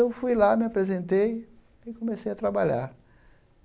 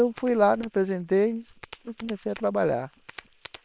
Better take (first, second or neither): first